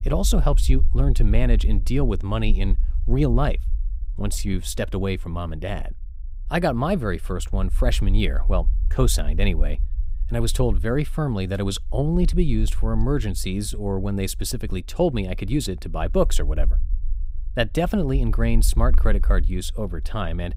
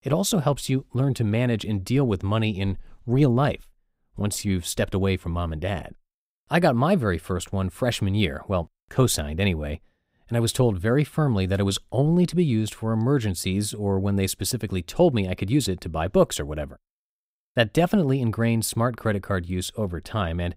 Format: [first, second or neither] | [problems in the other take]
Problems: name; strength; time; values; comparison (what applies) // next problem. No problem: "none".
second | low rumble; faint; throughout; 20 dB below the speech